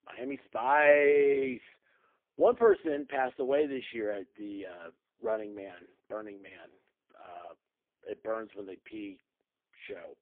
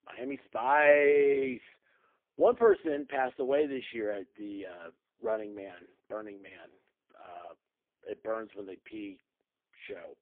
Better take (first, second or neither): neither